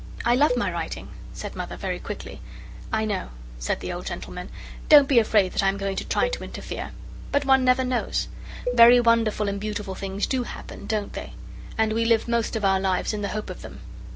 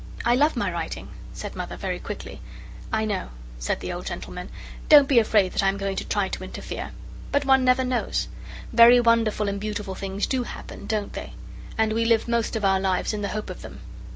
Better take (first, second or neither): second